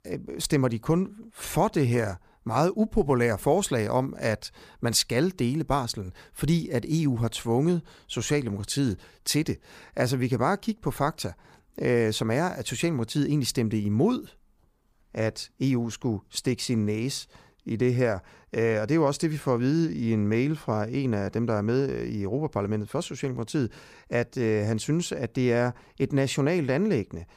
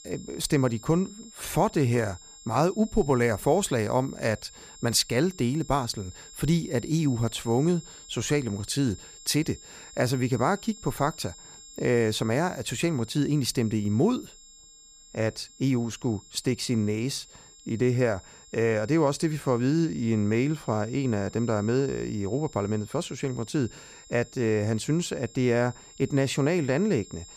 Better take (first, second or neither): first